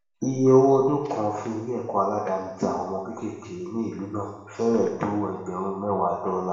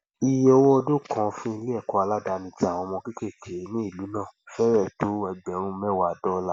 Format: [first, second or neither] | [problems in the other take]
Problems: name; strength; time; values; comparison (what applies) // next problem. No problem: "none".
second | room echo; dies away in 0.9 s